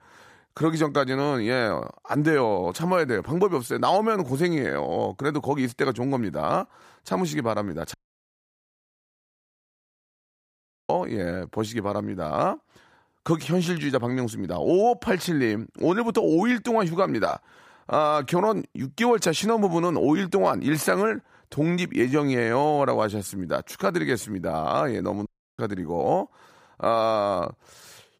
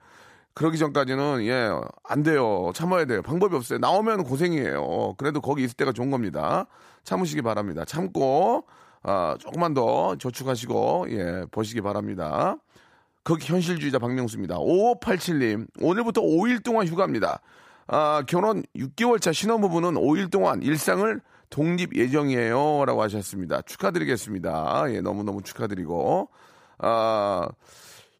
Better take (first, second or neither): second